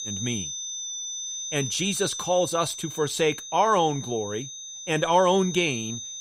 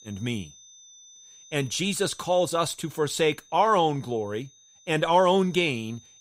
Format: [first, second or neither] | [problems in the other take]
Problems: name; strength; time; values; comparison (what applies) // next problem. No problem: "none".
second | high-pitched whine; loud; throughout; 6 kHz, 8 dB below the speech; faint in the second